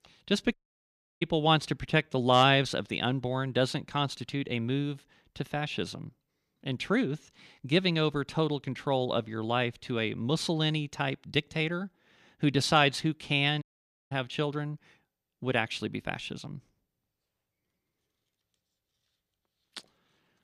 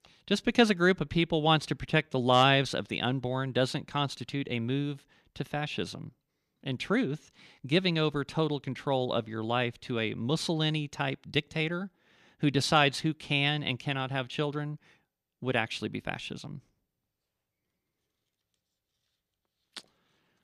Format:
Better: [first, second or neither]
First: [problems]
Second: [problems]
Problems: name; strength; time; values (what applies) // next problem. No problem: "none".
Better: second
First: audio cutting out; at 0.5 s for 0.5 s and at 14 s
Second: none